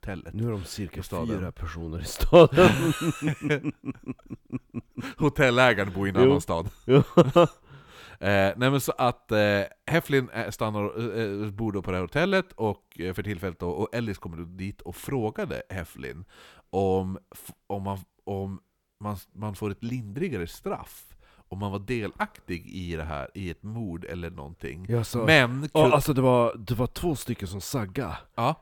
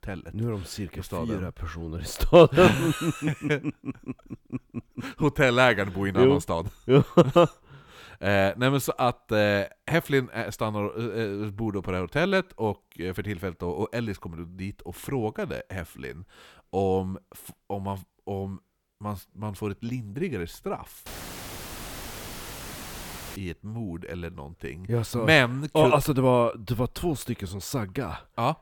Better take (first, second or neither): first